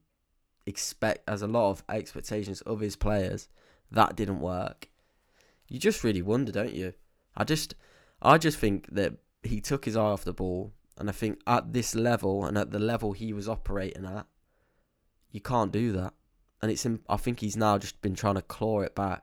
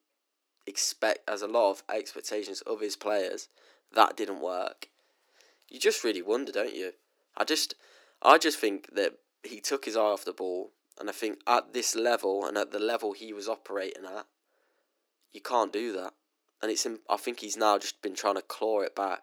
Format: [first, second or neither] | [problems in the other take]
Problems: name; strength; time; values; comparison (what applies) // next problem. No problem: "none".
first | thin; somewhat; fading below 300 Hz